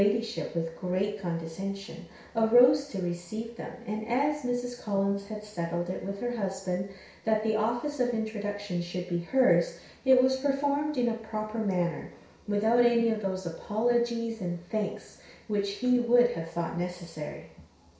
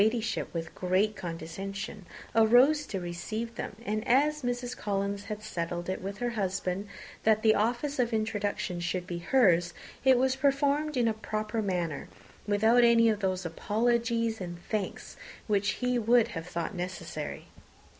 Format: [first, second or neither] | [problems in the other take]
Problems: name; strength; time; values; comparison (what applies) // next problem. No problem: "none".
second | room echo; dies away in 0.6 s